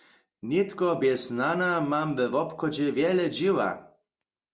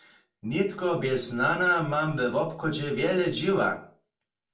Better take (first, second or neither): first